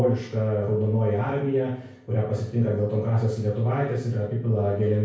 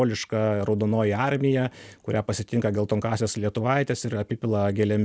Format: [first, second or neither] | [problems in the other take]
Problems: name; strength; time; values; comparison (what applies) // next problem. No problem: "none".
second | room echo; dies away in 0.6 s